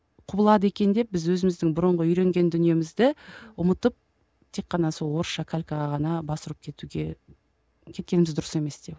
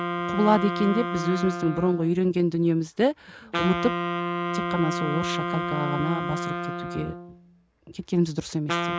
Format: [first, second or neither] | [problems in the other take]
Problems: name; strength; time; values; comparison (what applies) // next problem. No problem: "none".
first | background sound (Wind instrument, woodwind instrument); 4 dB below the speech